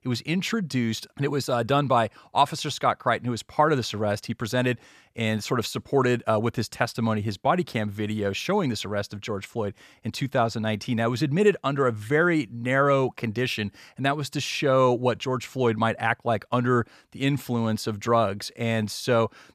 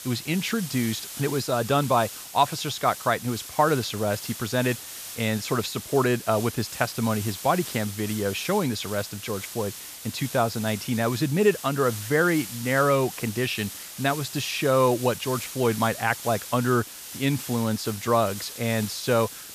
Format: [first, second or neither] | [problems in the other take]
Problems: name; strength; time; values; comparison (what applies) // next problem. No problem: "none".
first | hiss; noticeable; throughout; 10 dB below the speech